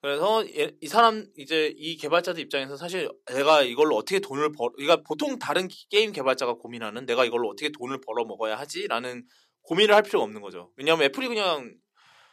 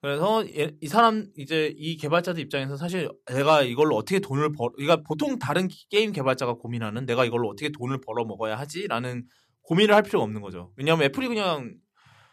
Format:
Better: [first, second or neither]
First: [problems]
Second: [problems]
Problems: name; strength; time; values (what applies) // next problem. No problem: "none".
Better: second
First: thin; somewhat; fading below 350 Hz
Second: none